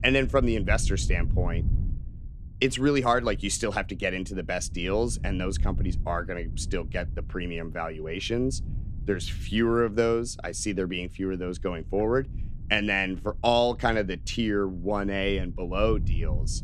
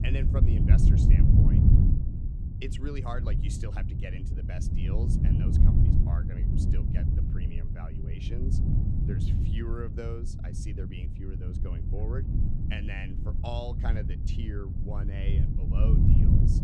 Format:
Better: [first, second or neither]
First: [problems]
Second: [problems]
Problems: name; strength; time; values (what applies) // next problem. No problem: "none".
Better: first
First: wind noise on the microphone; occasional gusts; 20 dB below the speech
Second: wind noise on the microphone; heavy; 2 dB above the speech